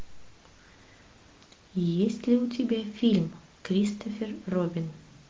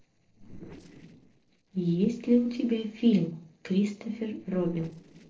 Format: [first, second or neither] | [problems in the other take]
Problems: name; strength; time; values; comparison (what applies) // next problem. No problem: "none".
first | noise reduction (neural separator model SepFormer DNS4)